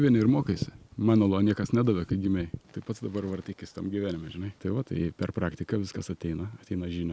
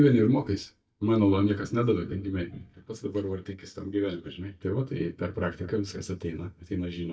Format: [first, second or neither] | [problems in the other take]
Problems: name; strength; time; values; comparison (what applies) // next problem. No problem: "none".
first | noise reduction (neural mask model DeepFilterNet 3)